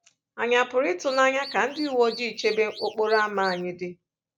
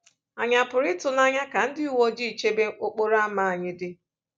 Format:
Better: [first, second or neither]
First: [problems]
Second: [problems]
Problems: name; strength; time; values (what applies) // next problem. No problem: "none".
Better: second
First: background sound (Alarm / Car); 16 dB below the speech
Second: none